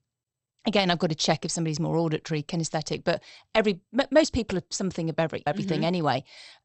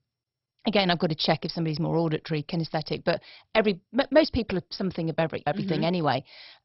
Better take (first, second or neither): first